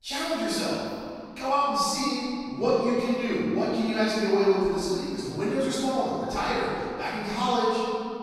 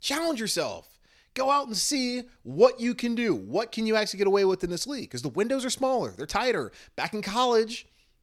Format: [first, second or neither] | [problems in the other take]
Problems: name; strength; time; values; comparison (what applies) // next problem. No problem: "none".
second | room echo; strong; dies away in 2.2 s // off-mic speech; far